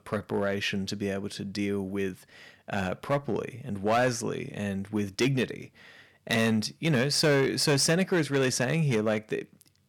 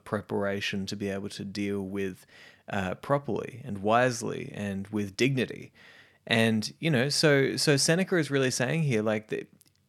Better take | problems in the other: second | distortion; slight; 3% of the sound clipped

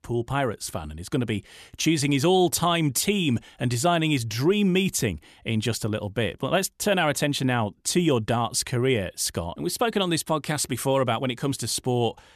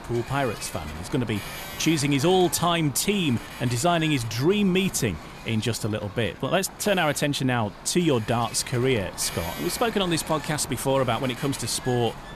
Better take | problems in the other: first | wind noise on the microphone; occasional gusts; 10 dB below the speech

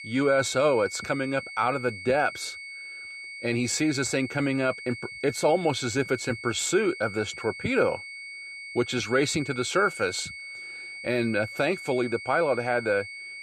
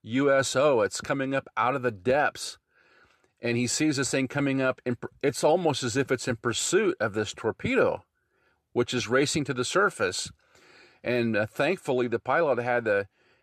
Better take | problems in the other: second | high-pitched whine; noticeable; throughout; 2 kHz, 10 dB below the speech

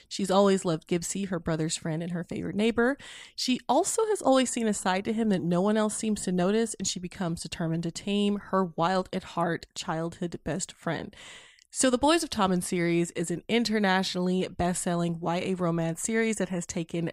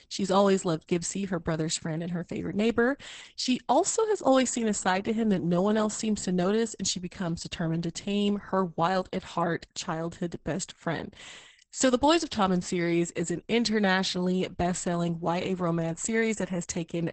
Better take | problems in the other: first | garbled, watery; badly; nothing above 8 kHz

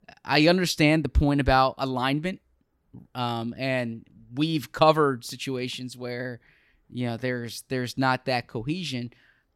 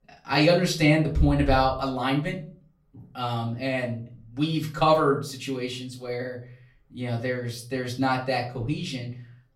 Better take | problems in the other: first | off-mic speech; far // room echo; very slight; dies away in 0.4 s

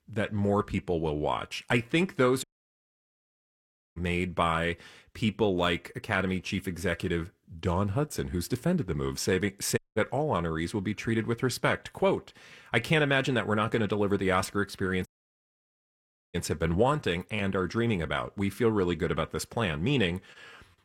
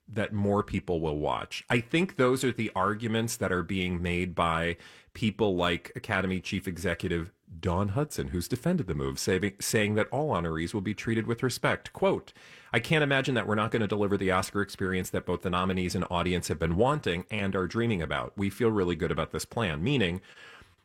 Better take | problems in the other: second | audio cutting out; at 2.5 s for 1.5 s, at 10 s and at 15 s for 1.5 s

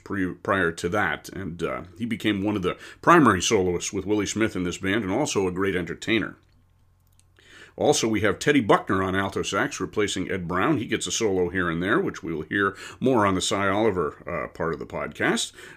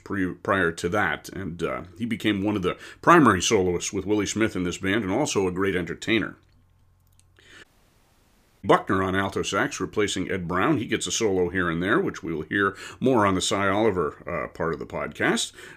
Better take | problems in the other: first | audio cutting out; at 7.5 s for 1 s

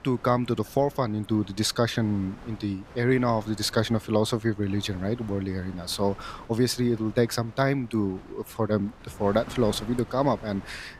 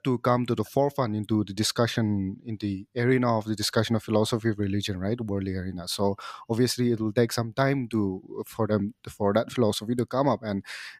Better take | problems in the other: second | wind noise on the microphone; occasional gusts; 20 dB below the speech

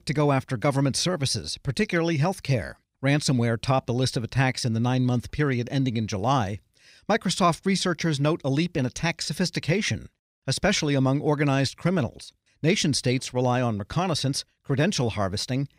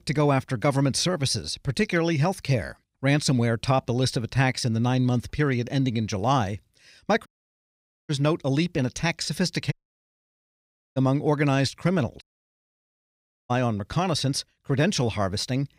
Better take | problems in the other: first | audio cutting out; at 7.5 s for 1 s, at 9.5 s for 1 s and at 12 s for 1.5 s

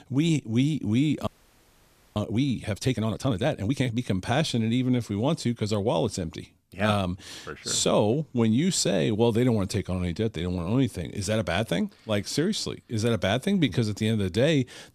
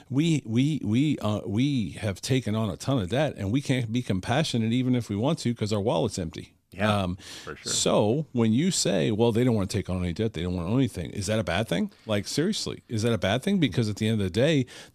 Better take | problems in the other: second | audio freezing; at 1.5 s for 1 s

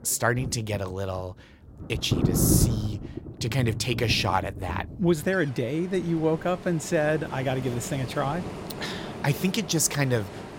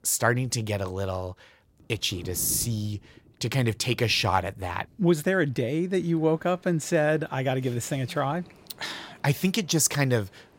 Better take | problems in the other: second | rain or running water; loud; throughout; 6 dB below the speech; faint in the second

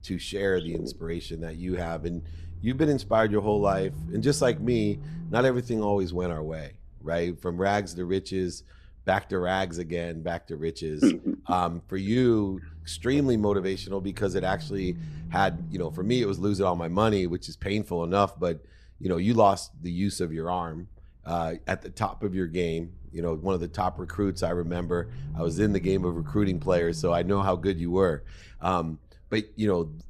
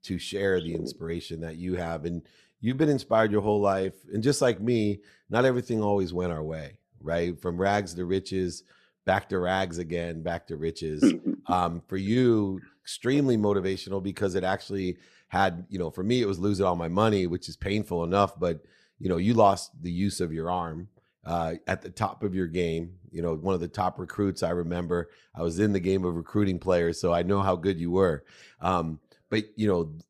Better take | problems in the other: second | low rumble; faint; throughout; 20 dB below the speech

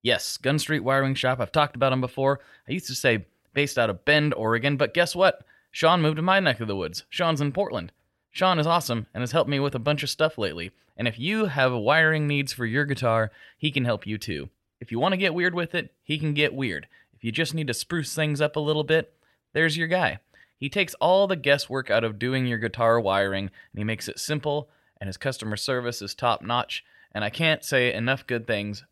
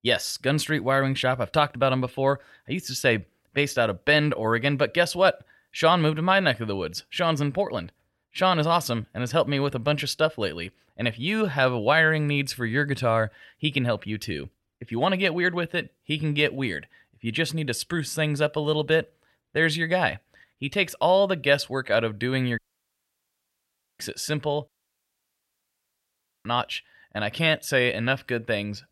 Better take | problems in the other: first | audio cutting out; at 23 s for 1.5 s and at 25 s for 2 s

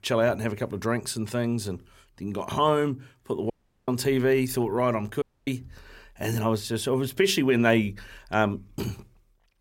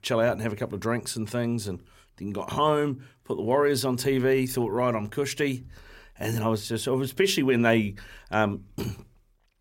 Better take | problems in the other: second | audio cutting out; at 3.5 s and at 5 s

